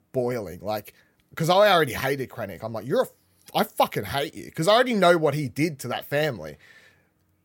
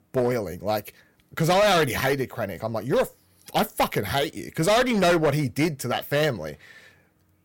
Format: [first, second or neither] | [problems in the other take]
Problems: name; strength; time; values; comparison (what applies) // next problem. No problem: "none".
first | distortion; heavy; 10% of the sound clipped